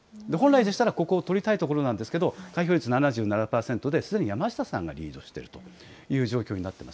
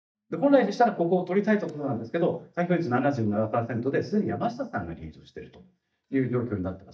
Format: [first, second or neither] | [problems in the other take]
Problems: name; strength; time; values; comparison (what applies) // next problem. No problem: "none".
first | noise reduction (neural mask model DeepFilterNet 3)